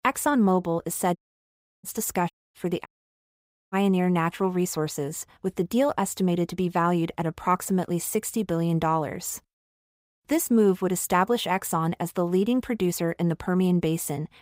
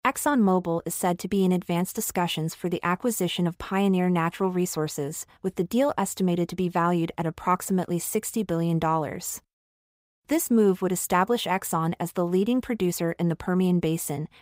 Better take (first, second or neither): second